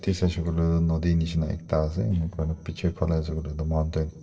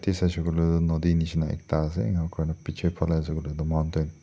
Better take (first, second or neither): second